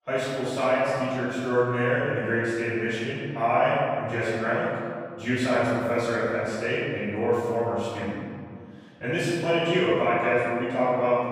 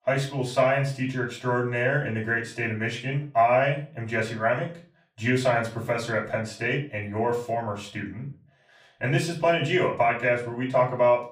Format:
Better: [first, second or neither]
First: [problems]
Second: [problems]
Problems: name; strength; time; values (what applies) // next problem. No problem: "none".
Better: second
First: room echo; strong; dies away in 1.9 s // off-mic speech; far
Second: room echo; slight; dies away in 0.3 s // off-mic speech; far